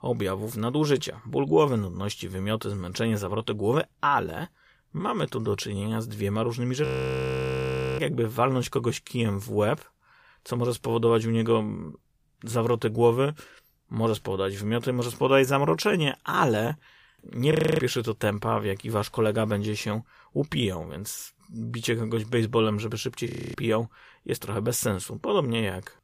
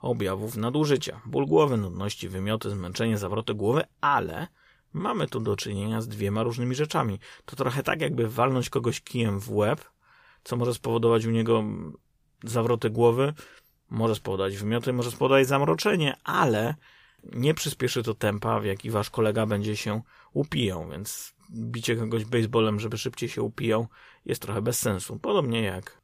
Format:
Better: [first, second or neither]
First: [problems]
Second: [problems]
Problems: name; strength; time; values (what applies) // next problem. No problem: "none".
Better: second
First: audio freezing; at 7 s for 1 s, at 18 s and at 23 s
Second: none